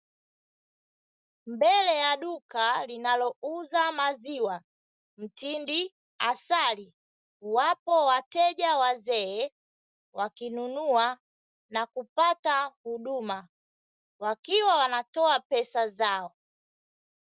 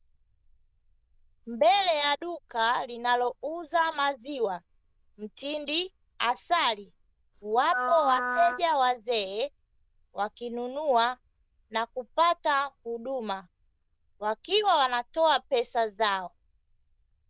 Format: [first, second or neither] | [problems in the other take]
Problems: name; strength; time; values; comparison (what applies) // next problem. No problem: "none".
first | noise reduction (neural diffusion model UNIVERSE++)